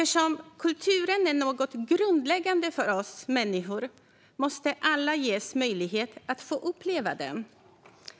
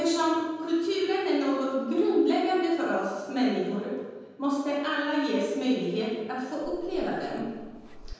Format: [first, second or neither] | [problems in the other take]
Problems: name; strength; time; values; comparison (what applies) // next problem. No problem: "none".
first | background sound (Meow); 16 dB below the speech // room echo; dies away in 1.2 s